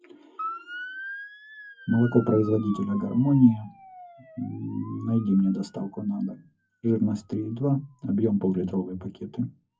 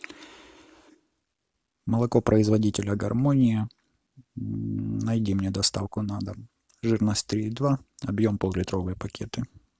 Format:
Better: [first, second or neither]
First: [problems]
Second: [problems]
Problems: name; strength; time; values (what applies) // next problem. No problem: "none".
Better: second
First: noise reduction (classical method WPE with log-MMSE)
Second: none